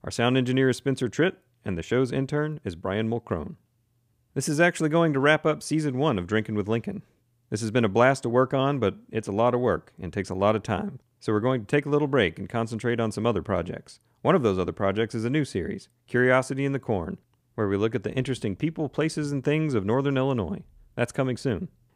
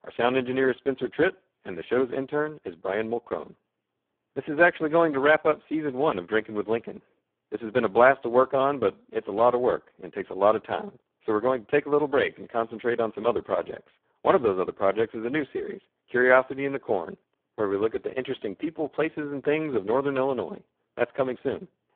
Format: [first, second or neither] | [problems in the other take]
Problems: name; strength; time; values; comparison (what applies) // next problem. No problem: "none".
first | phone-call audio; poor line